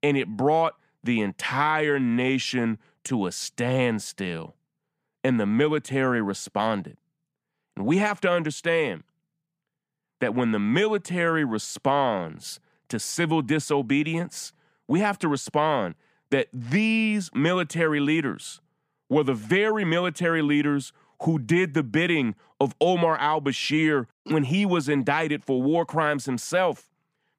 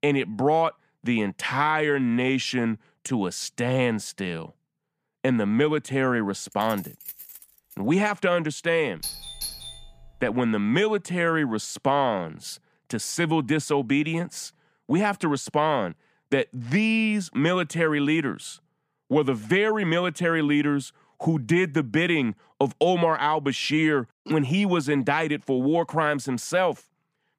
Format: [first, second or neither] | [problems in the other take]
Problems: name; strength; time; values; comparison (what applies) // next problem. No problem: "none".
first | jangling keys; faint; from 6.5 to 7.5 s; peak 15 dB below the speech // doorbell; noticeable; from 9 to 10 s; peak 8 dB below the speech